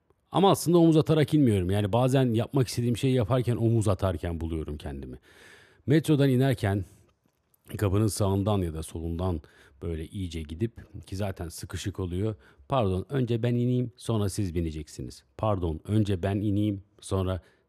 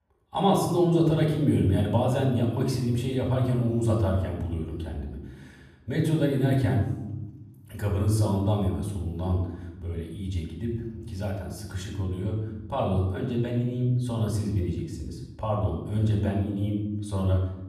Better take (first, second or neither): first